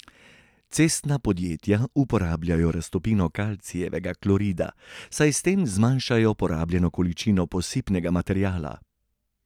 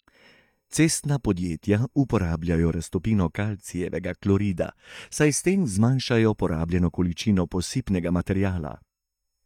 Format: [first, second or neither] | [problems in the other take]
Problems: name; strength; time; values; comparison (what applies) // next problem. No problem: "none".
first | noise reduction (neural mask model DeepFilterNet 3)